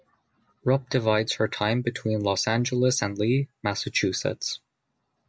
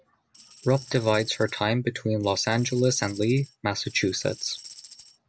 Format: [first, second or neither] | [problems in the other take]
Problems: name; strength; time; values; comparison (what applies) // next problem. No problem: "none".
first | background sound (Tambourine); 20 dB below the speech